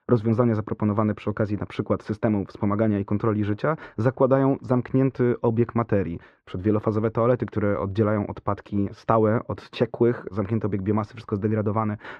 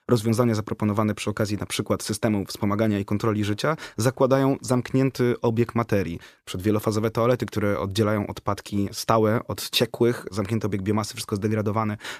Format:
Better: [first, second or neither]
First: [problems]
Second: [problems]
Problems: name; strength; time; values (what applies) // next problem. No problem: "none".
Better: second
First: muffled; very; fading above 1.5 kHz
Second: none